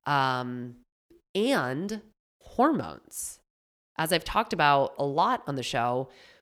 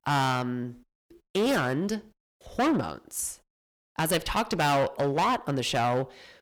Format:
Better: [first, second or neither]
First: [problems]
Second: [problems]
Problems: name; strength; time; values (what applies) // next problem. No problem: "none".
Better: first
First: none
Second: distortion; heavy; 10% of the sound clipped